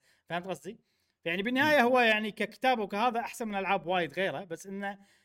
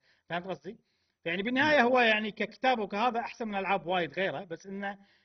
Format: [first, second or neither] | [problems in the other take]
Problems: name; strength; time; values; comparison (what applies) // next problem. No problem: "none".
first | garbled, watery; badly; nothing above 6 kHz